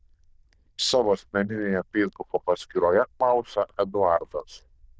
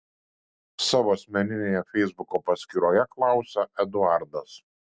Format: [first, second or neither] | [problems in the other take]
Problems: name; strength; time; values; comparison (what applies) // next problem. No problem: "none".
second | noise reduction (neural diffusion model UNIVERSE++)